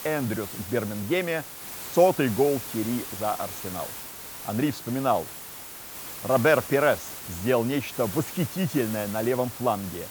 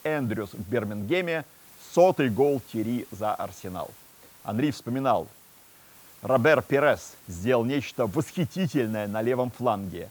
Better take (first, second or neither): second